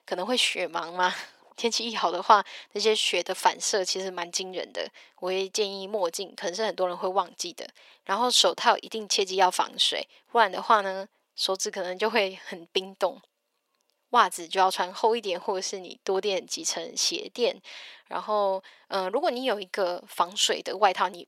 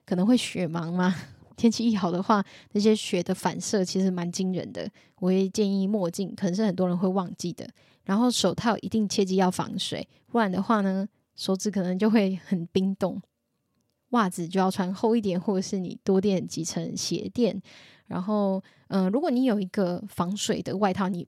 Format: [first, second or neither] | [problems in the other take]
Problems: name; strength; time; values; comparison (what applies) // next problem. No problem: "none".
second | thin; very; fading below 450 Hz